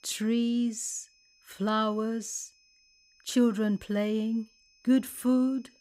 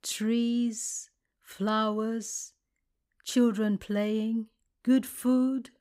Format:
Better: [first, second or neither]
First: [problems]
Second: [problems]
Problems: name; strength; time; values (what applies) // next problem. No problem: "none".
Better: second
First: high-pitched whine; faint; throughout; 5 kHz, 30 dB below the speech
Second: none